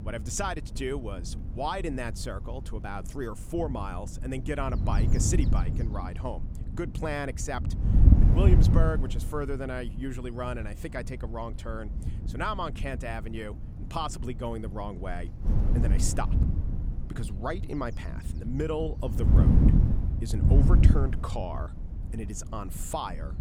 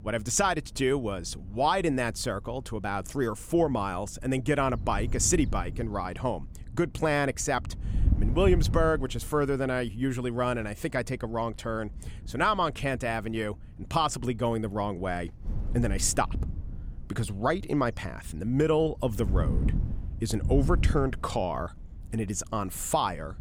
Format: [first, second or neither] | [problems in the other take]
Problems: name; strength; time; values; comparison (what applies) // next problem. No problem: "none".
second | wind noise on the microphone; heavy; 5 dB below the speech; occasional gusts in the second